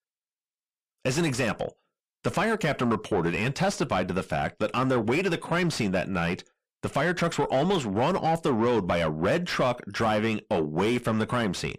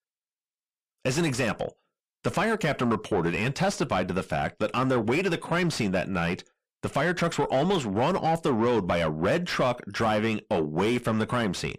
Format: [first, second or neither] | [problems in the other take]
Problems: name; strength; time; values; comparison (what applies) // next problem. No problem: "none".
neither | distortion; heavy; 7 dB below the speech; the same in both